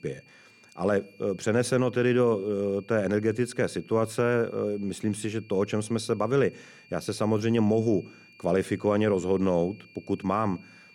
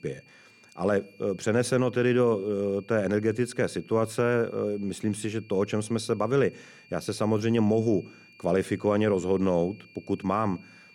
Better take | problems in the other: neither | high-pitched whine; faint; throughout; 2.5 kHz, 25 dB below the speech; the same in both

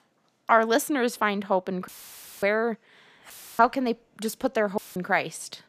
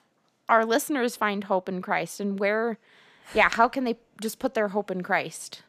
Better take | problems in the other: second | audio cutting out; filled with static; at 2 s for 0.5 s, at 3.5 s and at 5 s

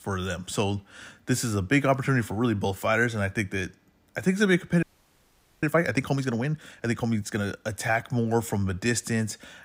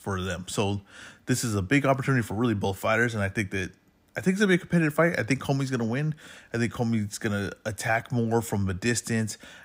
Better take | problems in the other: second | audio freezing; at 5 s for 1 s

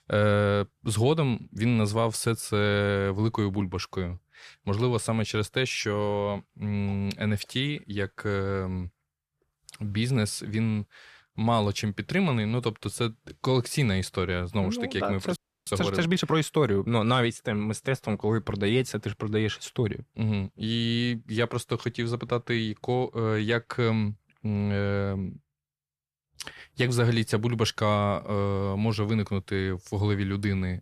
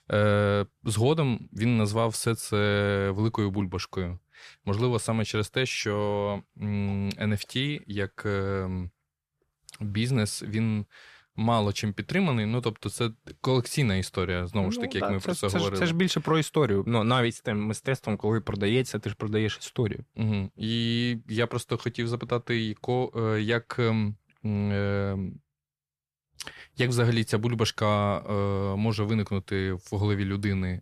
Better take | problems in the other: second | audio freezing; at 15 s

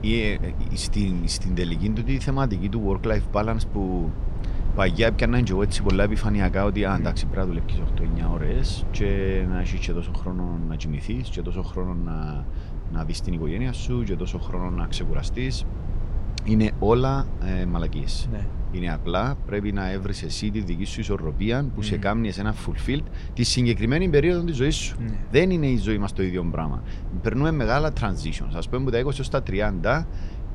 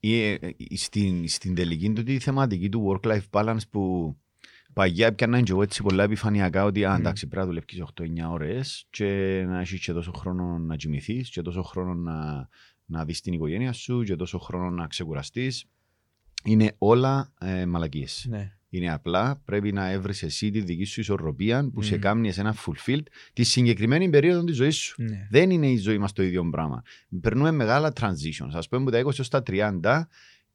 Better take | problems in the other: second | low rumble; noticeable; throughout; 15 dB below the speech

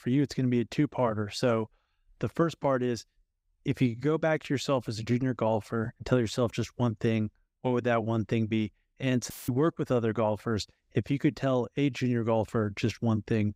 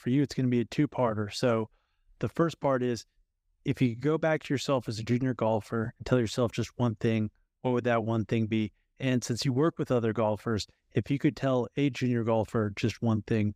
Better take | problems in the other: second | audio cutting out; filled with static; at 9.5 s

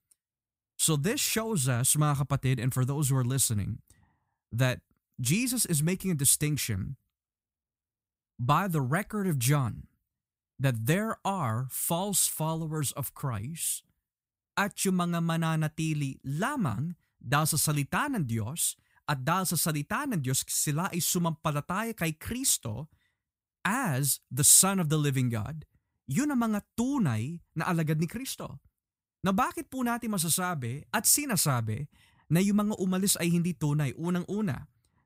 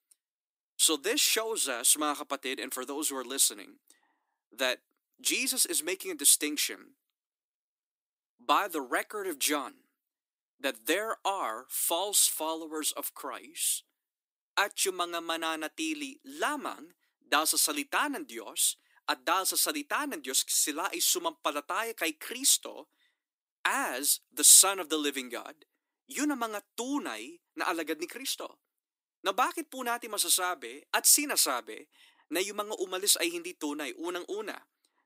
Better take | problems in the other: first | thin; somewhat; fading below 300 Hz

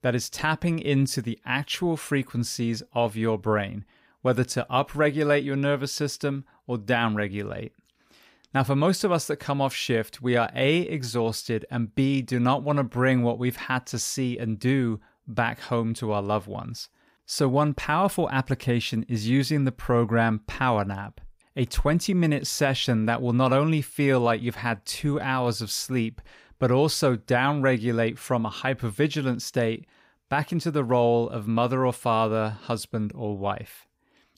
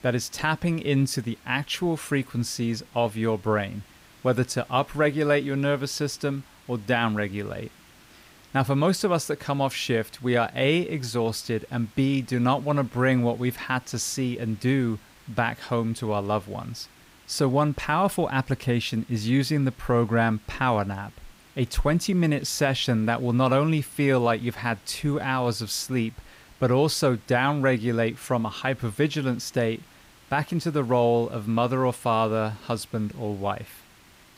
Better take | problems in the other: first | hiss; faint; throughout; 25 dB below the speech

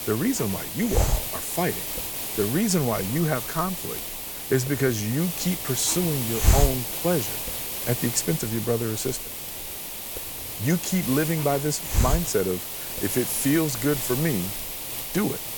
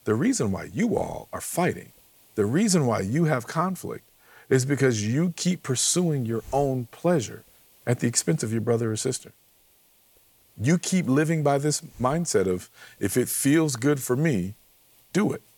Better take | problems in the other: second | hiss; loud; throughout; 2 dB below the speech; faint in the second

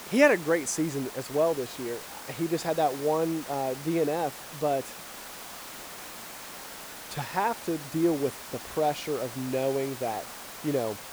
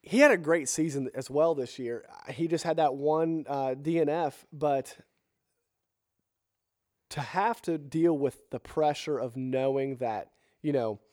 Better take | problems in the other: second | hiss; noticeable; throughout; 10 dB below the speech

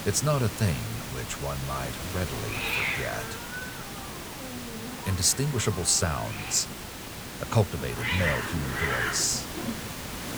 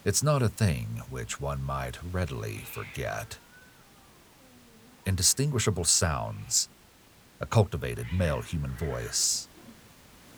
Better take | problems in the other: second | hiss; loud; throughout; 4 dB below the speech; faint in the second

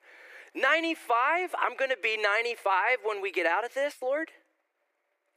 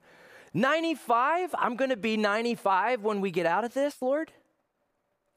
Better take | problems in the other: second | thin; very; fading below 300 Hz

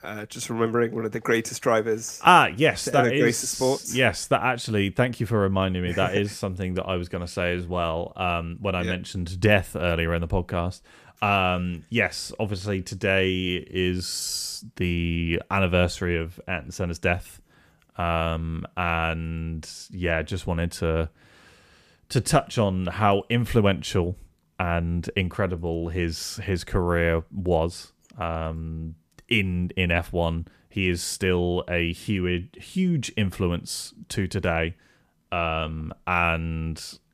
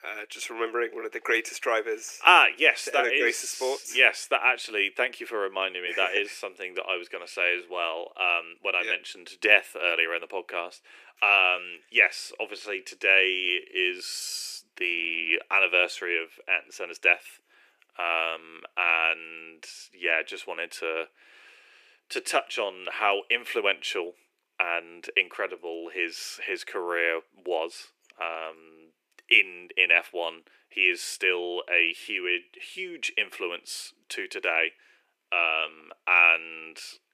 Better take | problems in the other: first | thin; very; fading below 350 Hz

